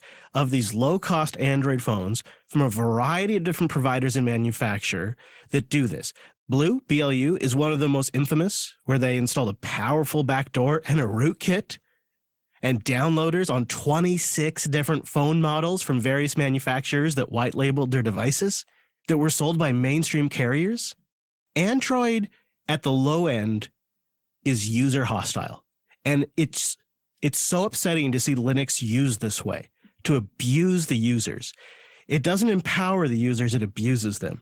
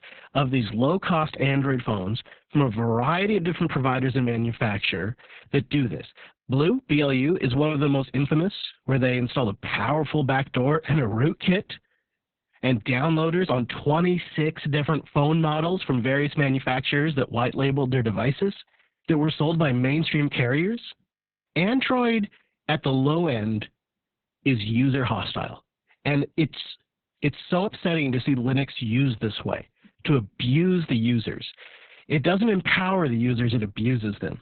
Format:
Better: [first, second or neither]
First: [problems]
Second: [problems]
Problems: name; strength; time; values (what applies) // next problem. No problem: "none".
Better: first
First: garbled, watery; slightly; nothing above 18.5 kHz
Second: garbled, watery; badly; nothing above 4 kHz